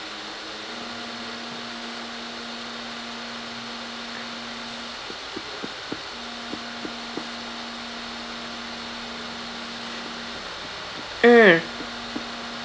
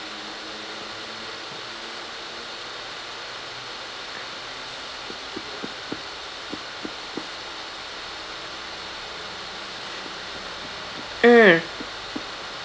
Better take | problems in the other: second | background sound (Wind instrument, woodwind instrument); 15 dB below the speech

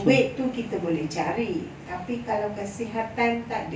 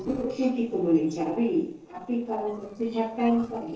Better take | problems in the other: first | noise reduction (neural separator model SepFormer DNS4)

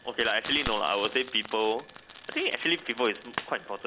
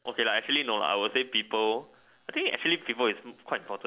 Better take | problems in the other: second | background sound (Frying (food)); 12 dB below the speech

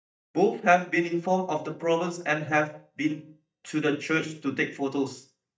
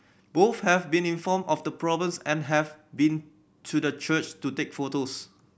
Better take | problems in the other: second | noise reduction (neural mask model DeepFilterNet 3)

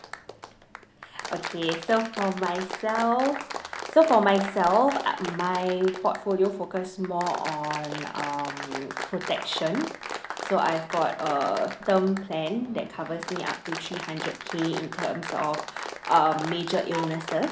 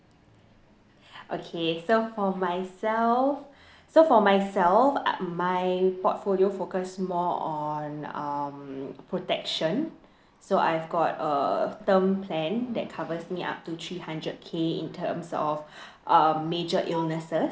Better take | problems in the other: second | background sound (Applause); 10 dB below the speech

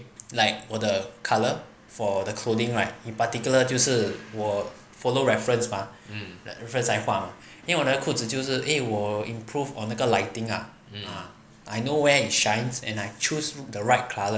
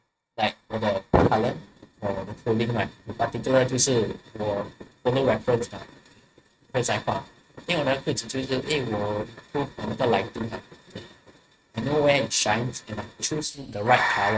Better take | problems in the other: first | noise reduction (neural mask model RNNoise)

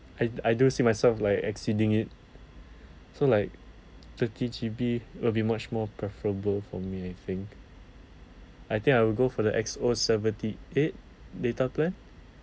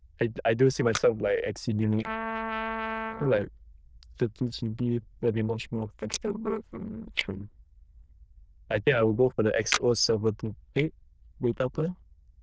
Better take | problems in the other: first | noise reduction (neural diffusion model UNIVERSE++)

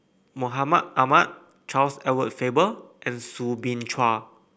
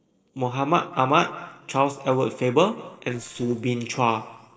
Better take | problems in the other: first | noise reduction (neural separator model SepFormer DNS4)

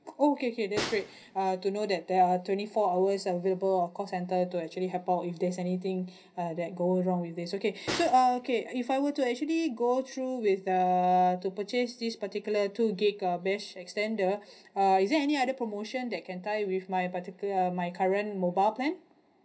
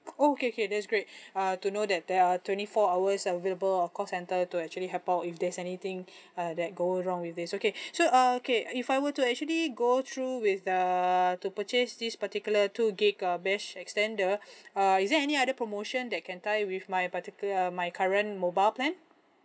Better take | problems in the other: second | background sound (Snare drum); 14 dB below the speech // room echo; dies away in 0.5 s

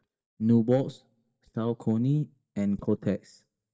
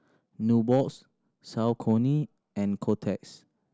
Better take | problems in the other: second | noise reduction (neural mask model DeepFilterNet 3)

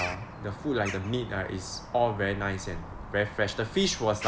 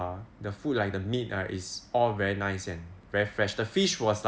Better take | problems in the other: second | background sound (Bird vocalization, bird call, bird song); 11 dB below the speech

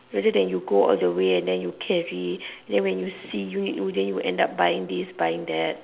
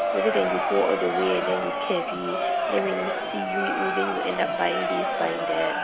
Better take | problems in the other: first | background sound (Crowd); 1 dB above the speech

